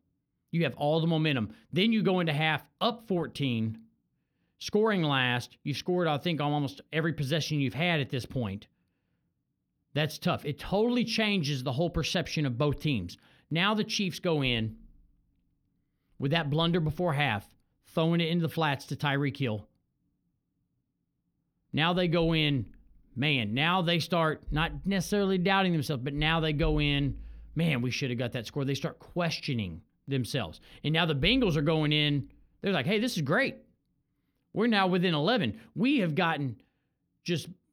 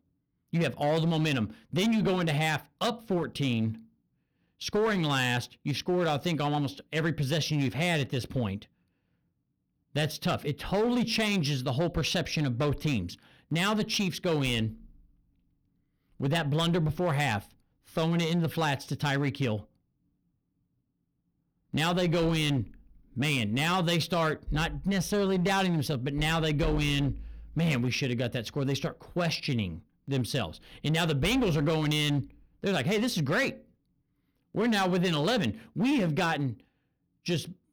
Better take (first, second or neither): first